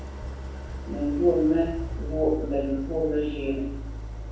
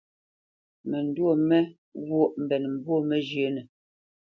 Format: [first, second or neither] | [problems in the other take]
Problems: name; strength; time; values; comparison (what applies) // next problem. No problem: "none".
second | background sound (Idling); 7 dB below the speech // room echo; dies away in 0.7 s